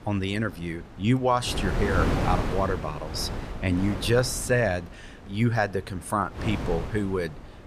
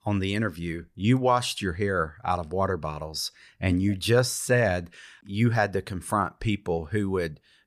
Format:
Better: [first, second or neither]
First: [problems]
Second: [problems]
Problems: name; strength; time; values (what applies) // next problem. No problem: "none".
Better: second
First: wind noise on the microphone; heavy; 7 dB below the speech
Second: none